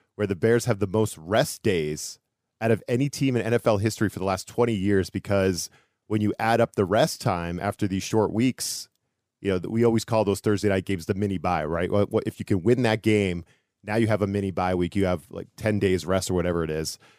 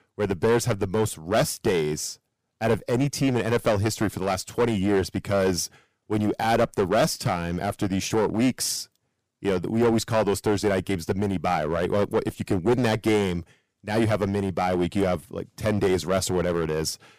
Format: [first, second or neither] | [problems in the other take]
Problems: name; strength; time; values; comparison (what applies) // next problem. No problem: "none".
first | distortion; heavy; 8% of the sound clipped